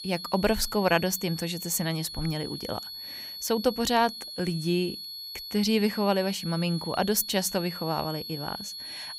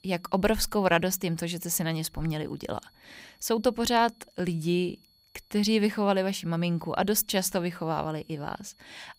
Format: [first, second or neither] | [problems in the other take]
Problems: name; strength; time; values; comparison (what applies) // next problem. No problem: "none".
second | high-pitched whine; loud; throughout; 4.5 kHz, 9 dB below the speech; faint in the second